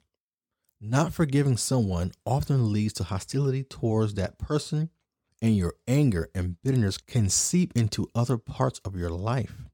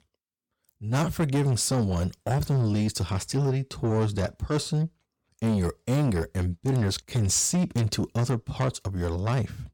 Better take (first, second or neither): first